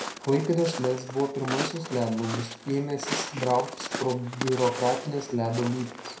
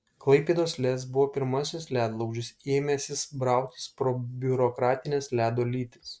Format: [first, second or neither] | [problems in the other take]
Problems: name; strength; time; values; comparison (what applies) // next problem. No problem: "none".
second | background sound (Walk, footsteps); 8 dB below the speech // room echo; dies away in 0.4 s